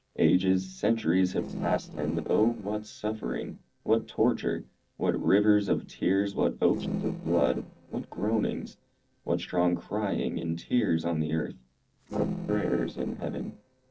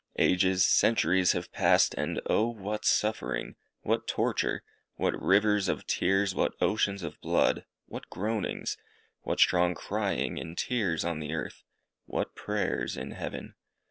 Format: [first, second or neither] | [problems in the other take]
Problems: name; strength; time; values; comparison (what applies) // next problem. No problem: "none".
second | noise reduction (neural separator model SepFormer DNS4)